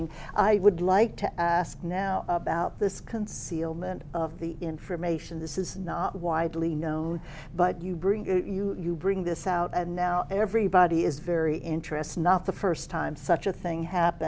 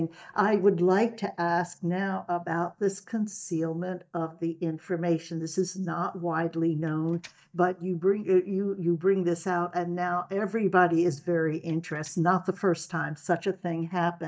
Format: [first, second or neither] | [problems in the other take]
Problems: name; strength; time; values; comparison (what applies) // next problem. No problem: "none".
first | noise reduction (neural mask model DeepFilterNet 3)